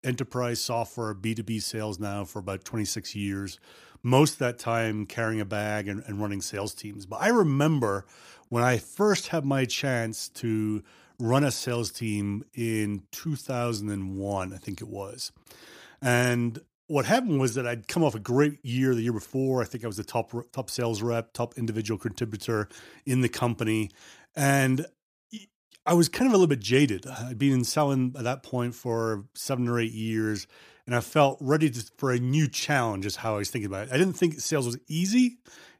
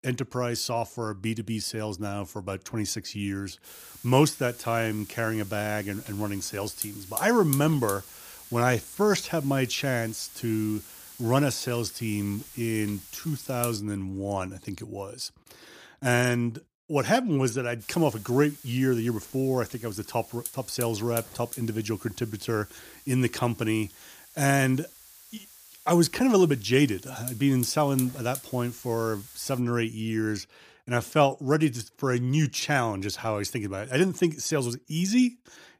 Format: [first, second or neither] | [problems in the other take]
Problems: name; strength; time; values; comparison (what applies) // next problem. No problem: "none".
first | hiss; noticeable; from 3.5 to 14 s and from 18 to 30 s; 15 dB below the speech